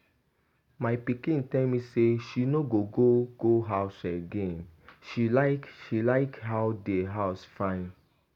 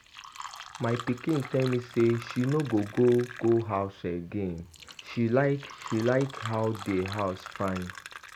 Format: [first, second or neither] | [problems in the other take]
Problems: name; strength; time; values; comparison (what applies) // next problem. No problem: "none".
first | background sound (Fill (with liquid)); 15 dB below the speech